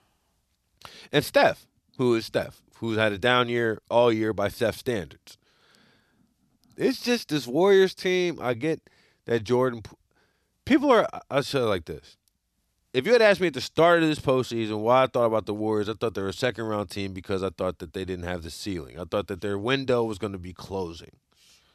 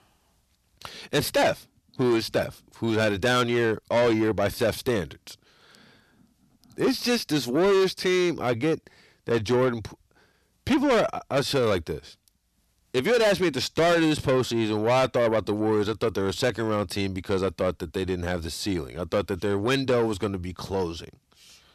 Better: first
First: none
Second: distortion; heavy; 8 dB below the speech

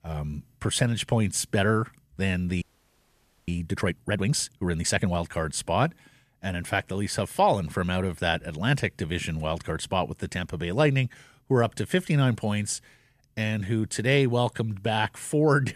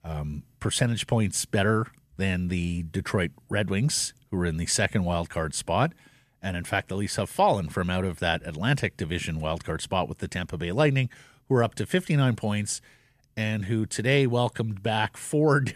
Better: second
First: audio freezing; at 2.5 s for 1 s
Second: none

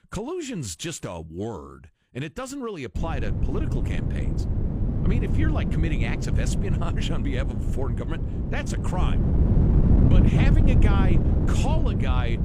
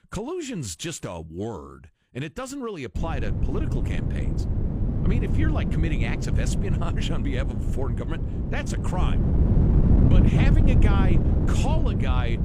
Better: neither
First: wind noise on the microphone; heavy; from 3 s on; as loud as the speech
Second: wind noise on the microphone; heavy; from 3 s on; as loud as the speech

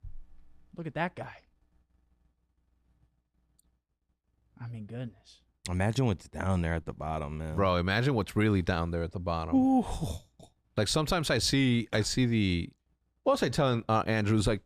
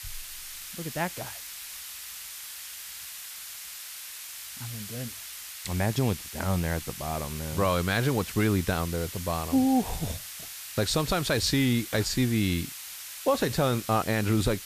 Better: first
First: none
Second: hiss; noticeable; throughout; 10 dB below the speech

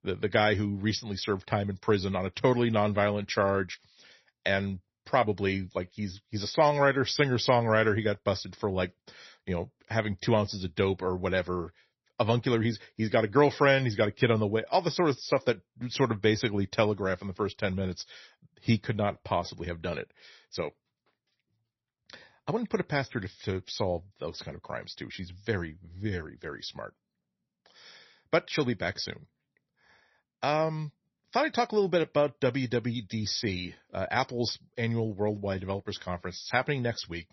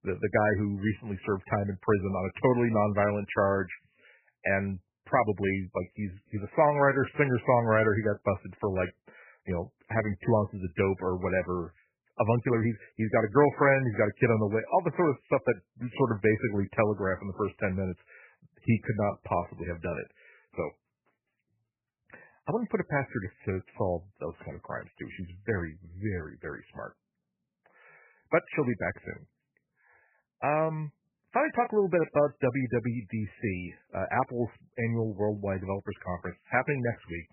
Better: first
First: garbled, watery; slightly; nothing above 6 kHz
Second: garbled, watery; badly; nothing above 2.5 kHz

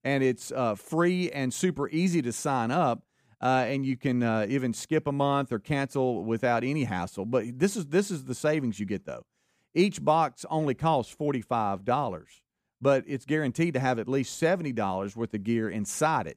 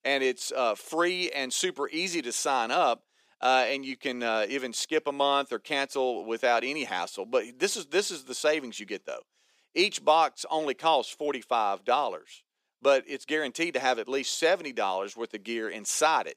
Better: first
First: none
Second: thin; somewhat; fading below 400 Hz

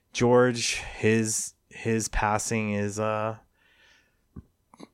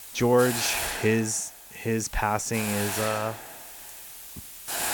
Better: first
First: none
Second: hiss; loud; throughout; 7 dB below the speech

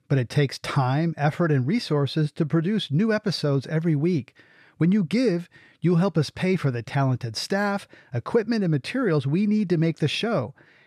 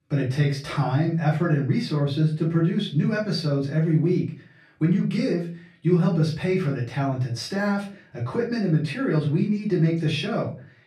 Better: first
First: none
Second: off-mic speech; far // room echo; slight; dies away in 0.3 s

